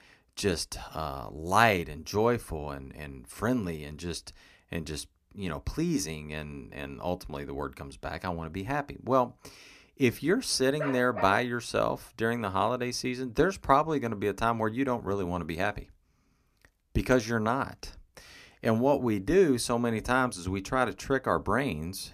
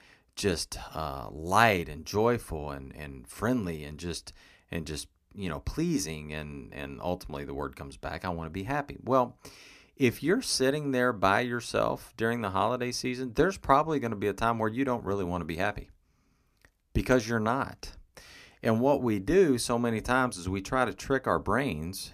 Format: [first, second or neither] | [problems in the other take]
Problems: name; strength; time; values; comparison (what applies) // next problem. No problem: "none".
second | dog barking; noticeable; at 11 s; peak 7 dB below the speech